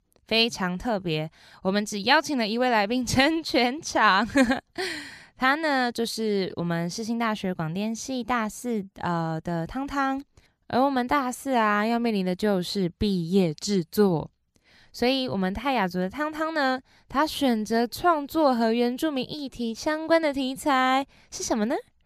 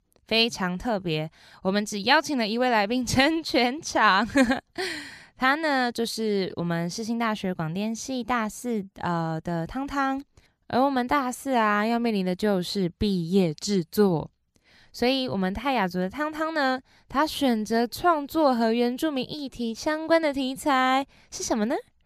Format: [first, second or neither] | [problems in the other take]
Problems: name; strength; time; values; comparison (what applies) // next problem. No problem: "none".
neither | none